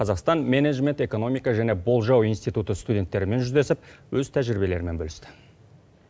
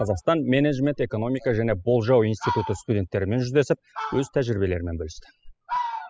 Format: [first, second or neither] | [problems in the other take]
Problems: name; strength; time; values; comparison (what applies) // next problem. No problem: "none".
first | noise reduction (classical method spectral subtraction)